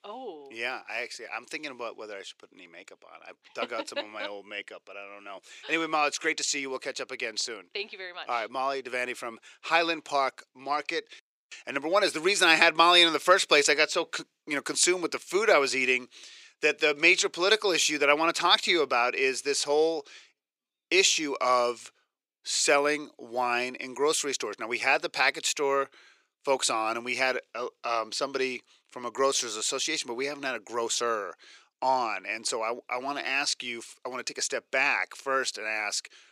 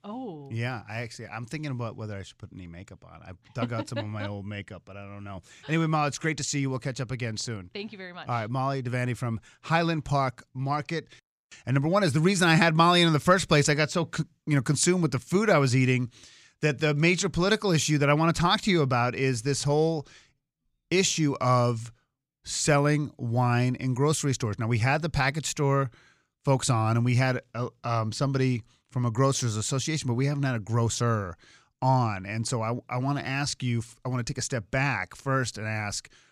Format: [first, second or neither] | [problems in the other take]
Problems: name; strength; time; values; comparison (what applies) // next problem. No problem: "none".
second | thin; very; fading below 400 Hz